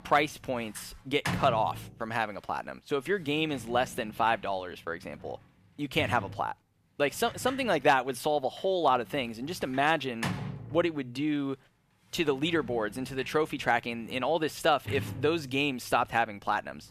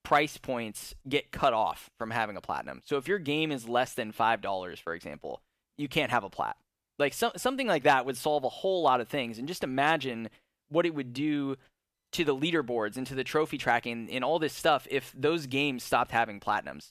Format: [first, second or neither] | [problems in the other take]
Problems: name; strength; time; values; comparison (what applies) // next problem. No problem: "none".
second | household noises; noticeable; throughout; 10 dB below the speech